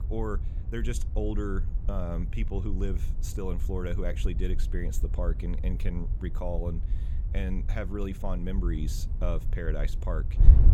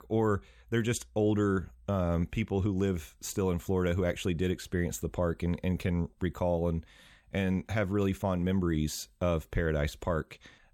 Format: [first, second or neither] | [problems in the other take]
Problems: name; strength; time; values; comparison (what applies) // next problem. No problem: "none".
second | wind noise on the microphone; occasional gusts; 10 dB below the speech